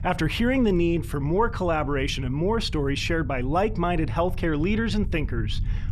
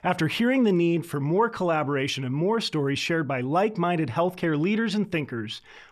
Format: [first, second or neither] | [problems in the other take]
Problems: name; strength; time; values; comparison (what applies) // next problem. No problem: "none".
second | low rumble; faint; throughout; 20 dB below the speech